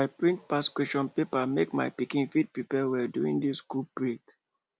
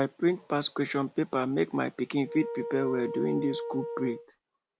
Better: first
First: none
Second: background sound (Wind instrument, woodwind instrument); 8 dB below the speech

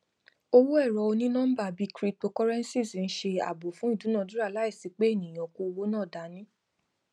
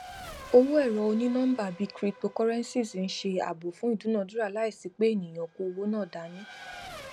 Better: first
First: none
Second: background sound (Race car, auto racing / Accelerating, revving, vroom); 19 dB below the speech

